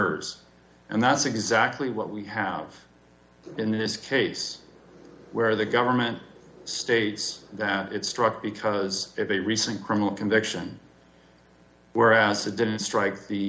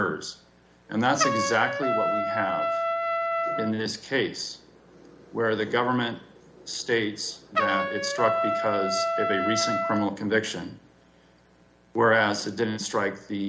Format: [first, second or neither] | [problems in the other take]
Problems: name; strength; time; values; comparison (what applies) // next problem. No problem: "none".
first | background sound (Trumpet); 3 dB below the speech